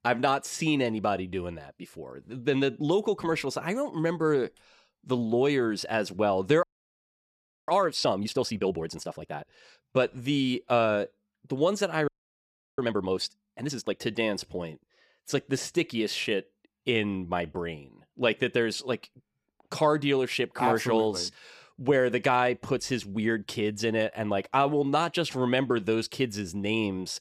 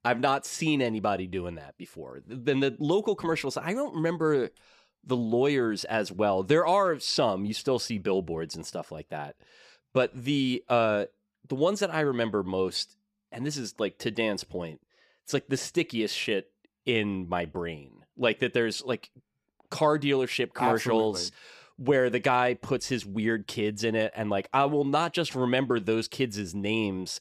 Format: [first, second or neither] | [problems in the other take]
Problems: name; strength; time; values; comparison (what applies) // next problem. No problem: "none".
second | audio freezing; at 6.5 s for 1 s and at 12 s for 0.5 s